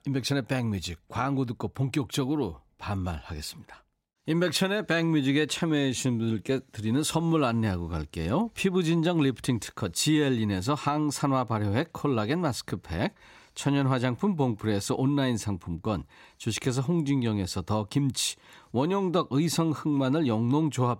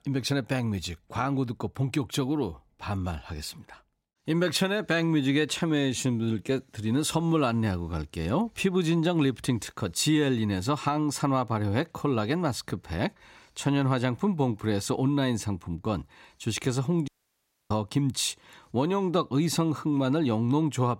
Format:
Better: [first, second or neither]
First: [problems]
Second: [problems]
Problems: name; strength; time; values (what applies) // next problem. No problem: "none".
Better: first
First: none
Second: audio cutting out; at 17 s for 0.5 s